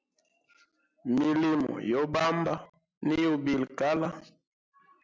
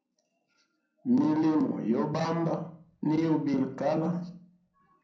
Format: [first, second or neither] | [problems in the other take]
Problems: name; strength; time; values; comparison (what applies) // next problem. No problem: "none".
first | room echo; dies away in 0.5 s